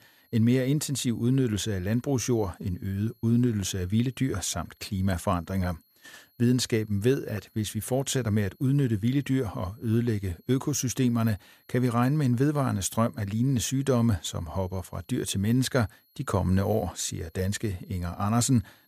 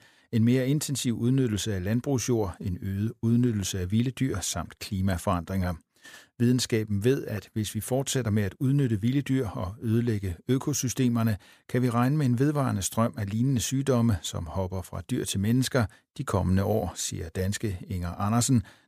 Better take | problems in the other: second | high-pitched whine; faint; throughout; 11.5 kHz, 35 dB below the speech

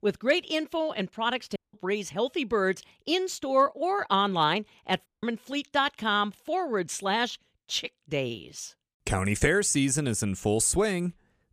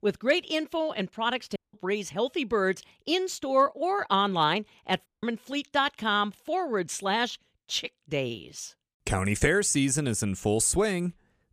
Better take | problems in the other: neither | audio cutting out; at 1.5 s and at 5 s; the same in both

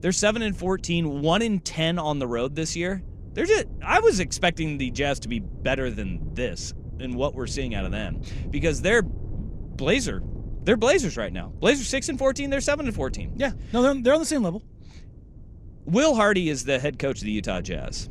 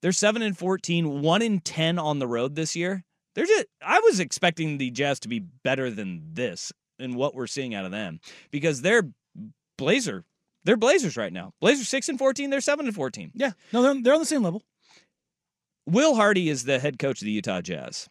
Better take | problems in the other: second | wind noise on the microphone; occasional gusts; 25 dB below the speech

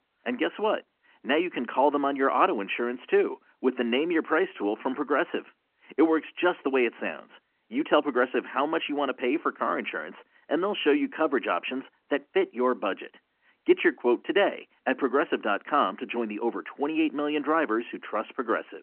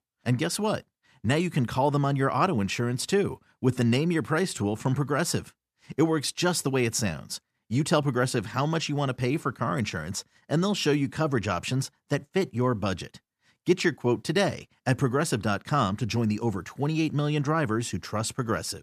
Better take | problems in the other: second | phone-call audio; nothing above 3 kHz

